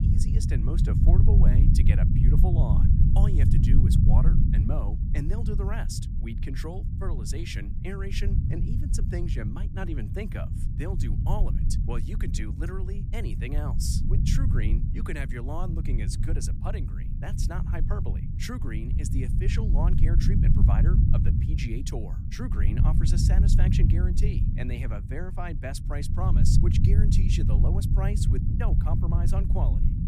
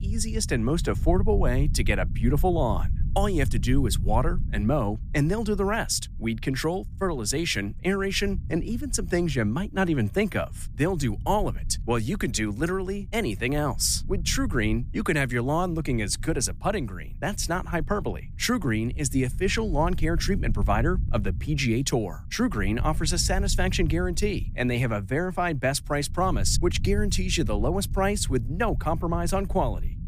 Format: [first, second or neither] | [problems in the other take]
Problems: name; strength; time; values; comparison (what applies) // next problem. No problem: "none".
second | low rumble; loud; throughout; as loud as the speech; faint in the second